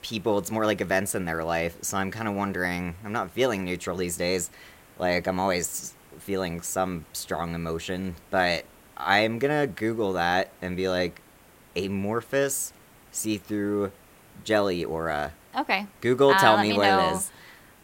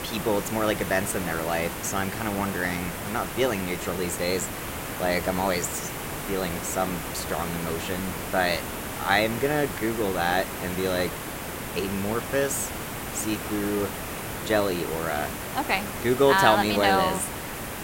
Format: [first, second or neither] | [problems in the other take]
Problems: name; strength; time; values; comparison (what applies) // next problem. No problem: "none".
first | hiss; loud; throughout; 6 dB below the speech; faint in the first